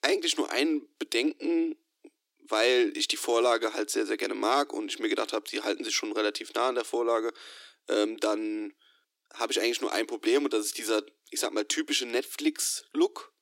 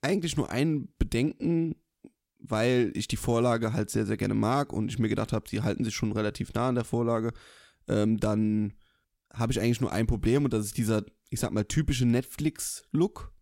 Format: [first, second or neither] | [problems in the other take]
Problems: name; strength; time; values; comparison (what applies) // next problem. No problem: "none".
second | thin; very; fading below 300 Hz